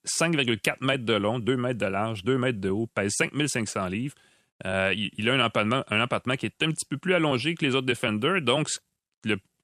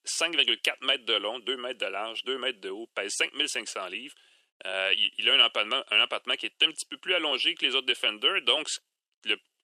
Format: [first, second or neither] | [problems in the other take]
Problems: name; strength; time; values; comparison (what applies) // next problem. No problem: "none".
first | thin; very; fading below 350 Hz